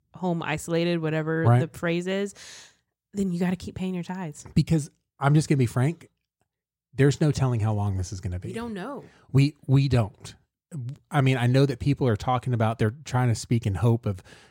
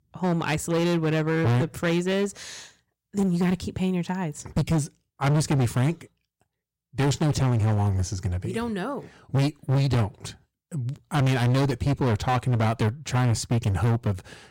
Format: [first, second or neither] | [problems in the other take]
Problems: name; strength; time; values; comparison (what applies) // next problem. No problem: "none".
first | distortion; heavy; 19% of the sound clipped